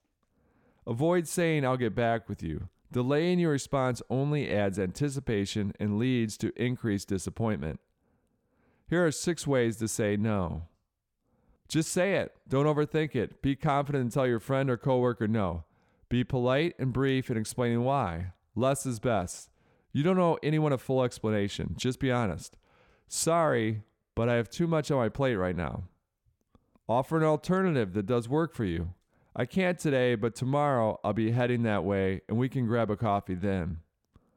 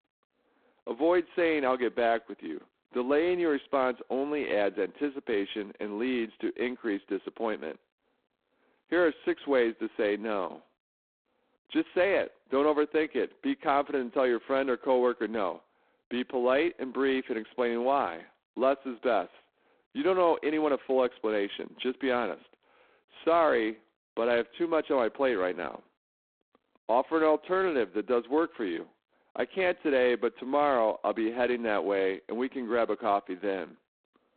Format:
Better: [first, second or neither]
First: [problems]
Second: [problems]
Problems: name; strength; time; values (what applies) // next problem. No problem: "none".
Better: first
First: none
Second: phone-call audio; poor line; nothing above 4 kHz